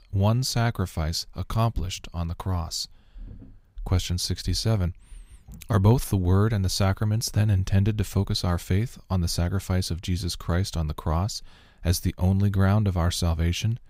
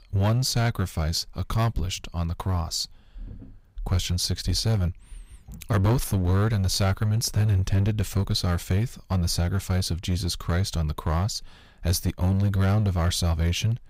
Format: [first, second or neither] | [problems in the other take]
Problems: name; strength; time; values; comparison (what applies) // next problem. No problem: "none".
first | distortion; slight; 8% of the sound clipped